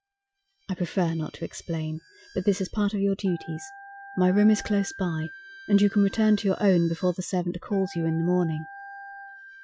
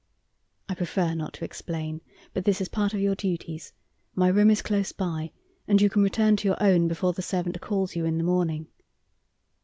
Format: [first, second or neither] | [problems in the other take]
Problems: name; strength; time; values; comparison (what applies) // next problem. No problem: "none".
second | noise reduction (classical method Wiener filter)